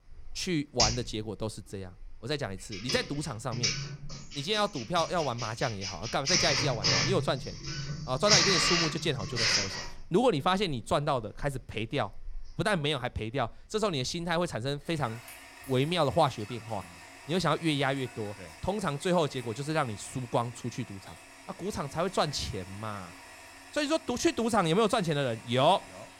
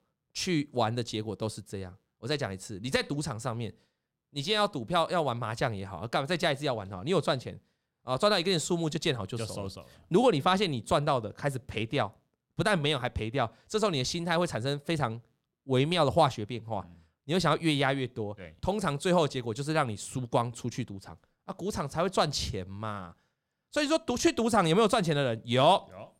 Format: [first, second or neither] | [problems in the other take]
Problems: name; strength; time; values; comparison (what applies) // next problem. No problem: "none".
second | household noises; very loud; throughout; 1 dB above the speech